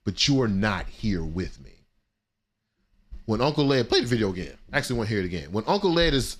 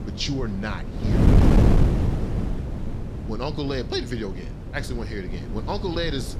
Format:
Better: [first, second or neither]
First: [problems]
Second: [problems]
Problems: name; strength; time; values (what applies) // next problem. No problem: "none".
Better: first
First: none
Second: wind noise on the microphone; heavy; 1 dB below the speech